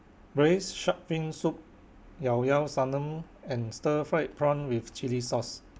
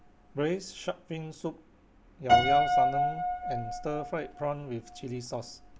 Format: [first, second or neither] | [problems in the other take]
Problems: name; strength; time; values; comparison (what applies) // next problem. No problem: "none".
first | background sound (Piano); 5 dB above the speech